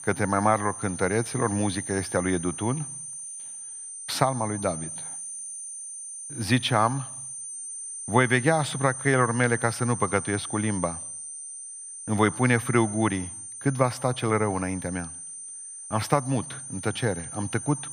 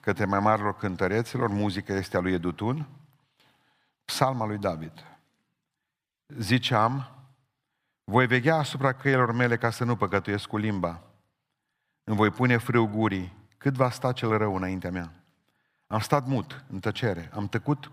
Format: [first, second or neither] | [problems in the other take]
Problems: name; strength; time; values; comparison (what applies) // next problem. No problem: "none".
second | high-pitched whine; loud; throughout; 9 kHz, 9 dB below the speech